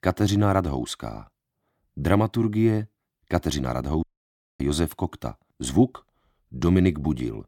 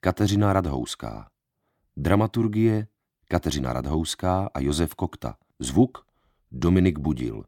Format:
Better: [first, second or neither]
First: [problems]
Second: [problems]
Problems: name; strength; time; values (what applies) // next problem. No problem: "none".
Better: second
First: audio cutting out; at 4 s for 0.5 s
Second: none